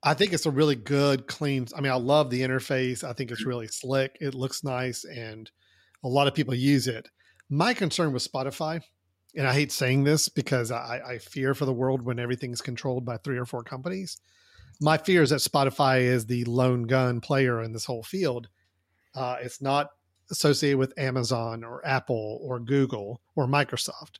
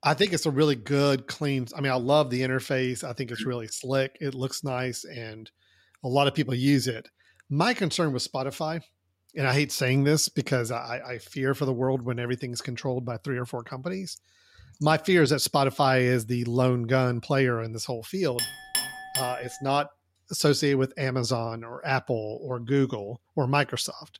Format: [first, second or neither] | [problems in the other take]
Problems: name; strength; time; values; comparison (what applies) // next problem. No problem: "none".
first | clattering dishes; noticeable; at 18 s; peak 1 dB below the speech